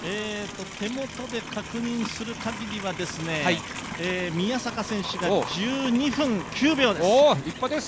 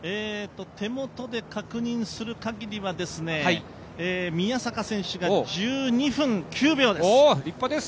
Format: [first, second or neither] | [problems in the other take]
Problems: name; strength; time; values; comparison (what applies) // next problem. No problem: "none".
second | background sound (Livestock, farm animals, working animals); 11 dB below the speech